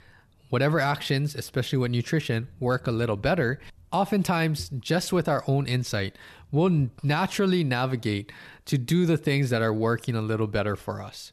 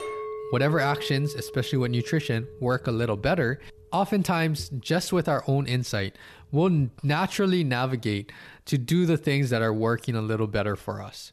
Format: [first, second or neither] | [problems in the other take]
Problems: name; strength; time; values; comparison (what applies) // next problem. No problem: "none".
first | clattering dishes; noticeable; until 3.5 s; peak 8 dB below the speech